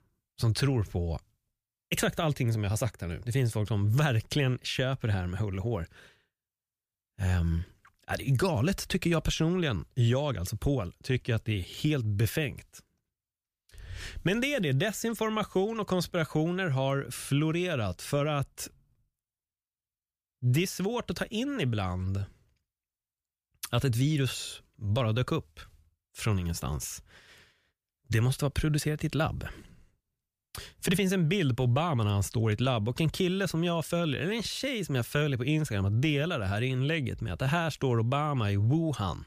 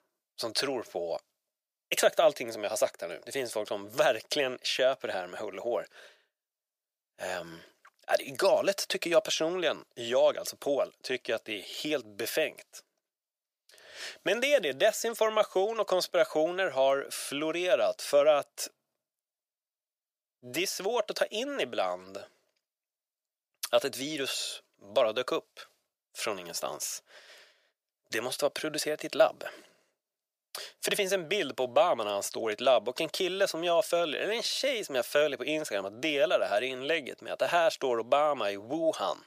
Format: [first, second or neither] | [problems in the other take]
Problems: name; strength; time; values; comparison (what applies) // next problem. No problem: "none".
first | thin; very; fading below 350 Hz